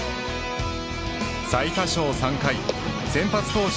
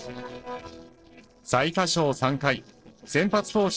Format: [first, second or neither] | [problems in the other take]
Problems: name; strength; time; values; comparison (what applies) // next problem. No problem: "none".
first | noise reduction (neural separator model SepFormer DNS4)